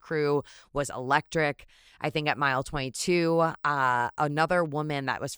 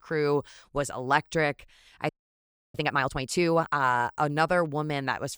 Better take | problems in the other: first | audio freezing; at 2 s for 0.5 s

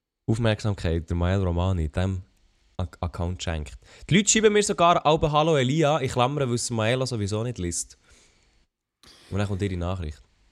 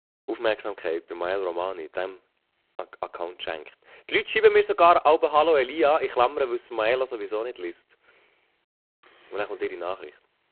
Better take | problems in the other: first | phone-call audio; poor line

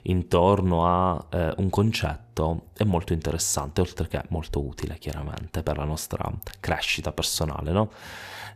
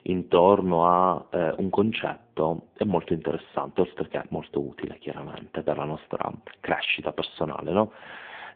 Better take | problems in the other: first | phone-call audio; poor line

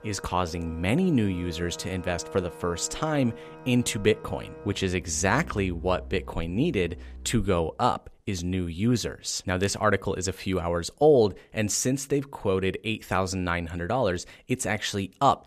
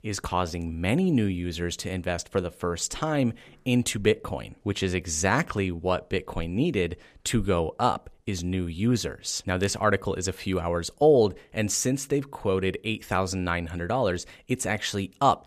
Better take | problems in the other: second | background music; noticeable; until 7.5 s; 15 dB below the speech

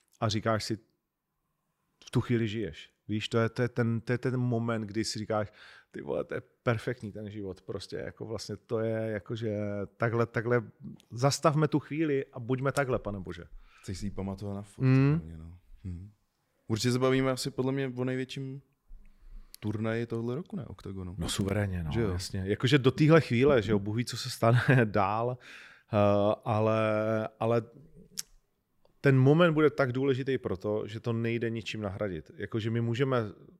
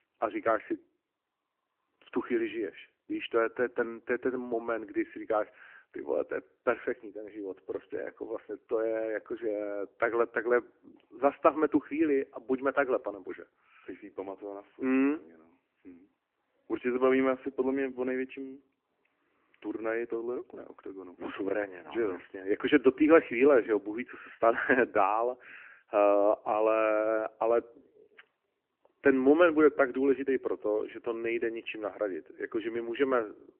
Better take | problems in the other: first | phone-call audio; nothing above 3 kHz

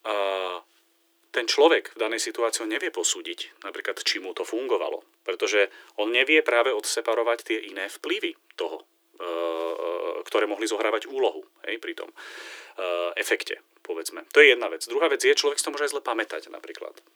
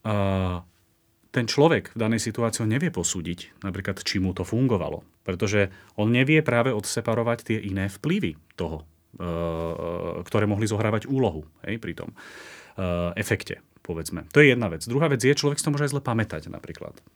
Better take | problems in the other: second | thin; very; fading below 350 Hz

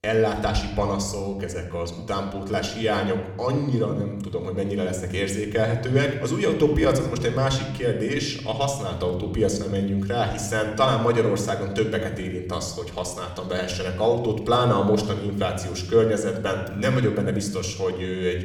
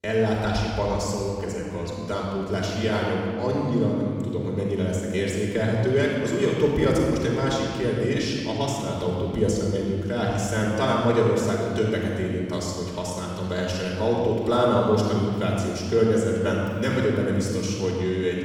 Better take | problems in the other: first | room echo; strong; dies away in 2.2 s; slight in the first // off-mic speech; far; somewhat distant in the first

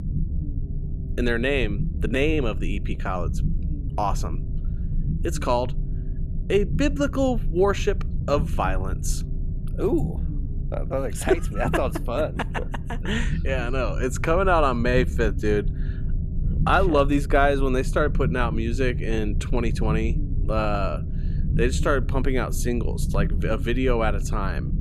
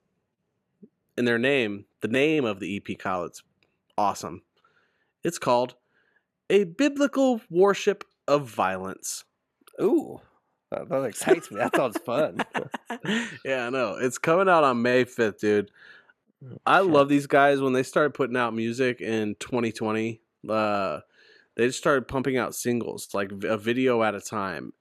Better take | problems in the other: second | low rumble; noticeable; throughout; 15 dB below the speech

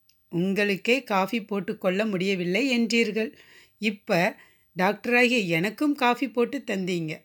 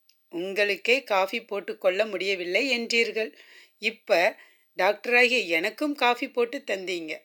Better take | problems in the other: first | thin; somewhat; fading below 300 Hz

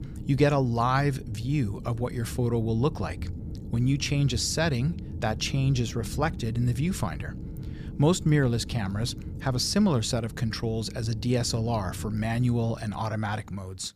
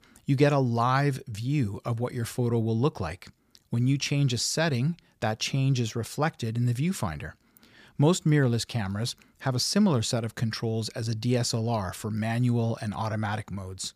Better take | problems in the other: second | low rumble; noticeable; throughout; 20 dB below the speech

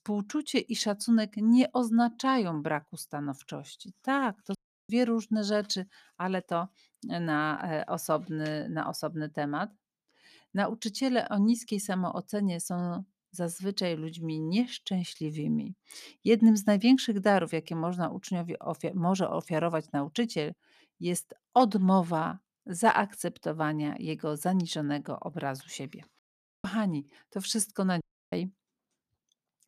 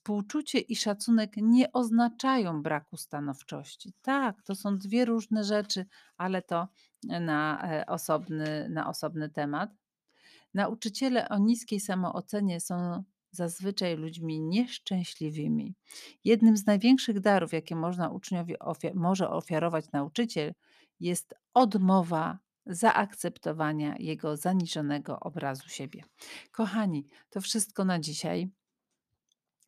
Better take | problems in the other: second | audio cutting out; at 4.5 s, at 26 s and at 28 s

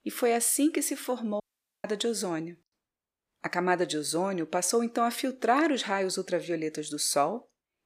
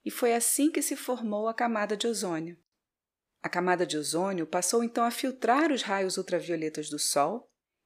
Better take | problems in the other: second | audio cutting out; at 1.5 s

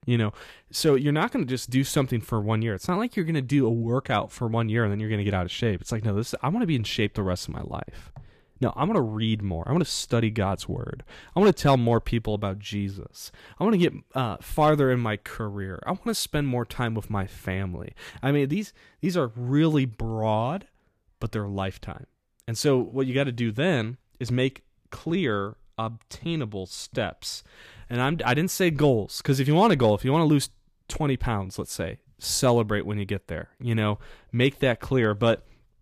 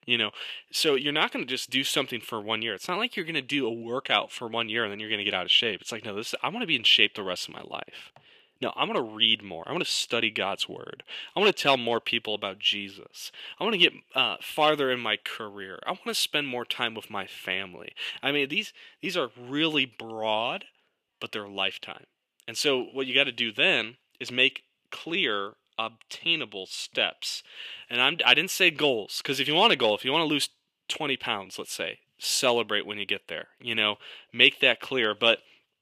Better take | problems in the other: first | thin; somewhat; fading below 350 Hz

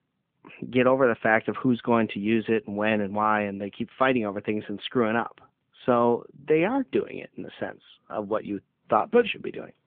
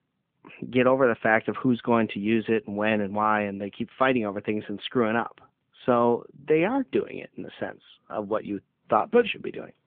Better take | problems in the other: neither | phone-call audio; the same in both

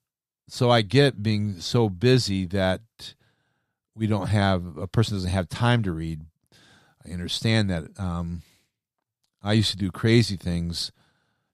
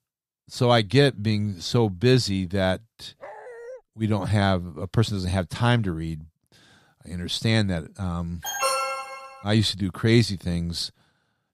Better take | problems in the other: first | dog barking; faint; at 3 s; peak 15 dB below the speech // alarm; loud; at 8.5 s; peak level with the speech

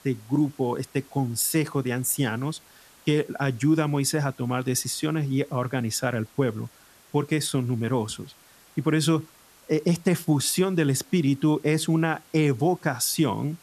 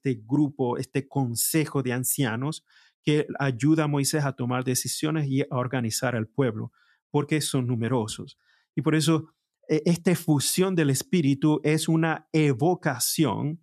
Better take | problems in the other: second | hiss; faint; throughout; 25 dB below the speech

